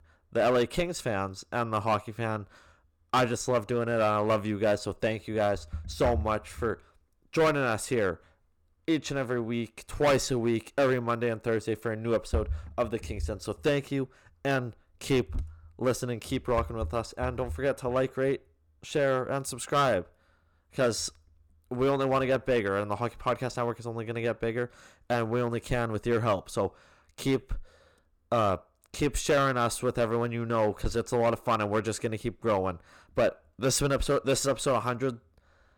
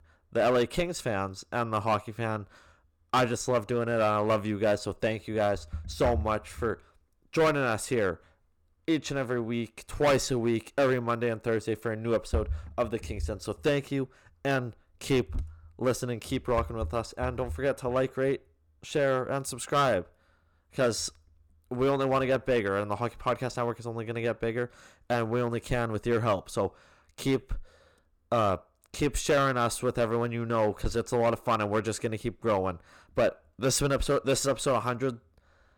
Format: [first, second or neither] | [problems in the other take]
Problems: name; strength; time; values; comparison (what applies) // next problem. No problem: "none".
neither | distortion; slight; 4% of the sound clipped; the same in both